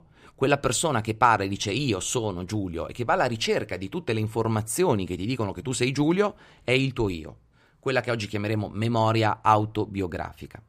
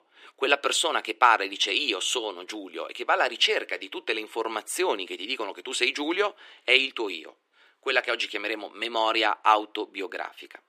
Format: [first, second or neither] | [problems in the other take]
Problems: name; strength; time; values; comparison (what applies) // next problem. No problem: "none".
first | thin; very; fading below 300 Hz